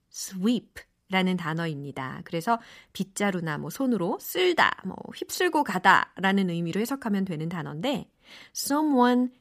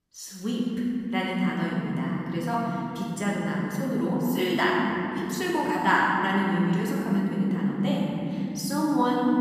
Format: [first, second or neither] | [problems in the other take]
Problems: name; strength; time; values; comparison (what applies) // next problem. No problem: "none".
first | room echo; strong; dies away in 3 s // off-mic speech; far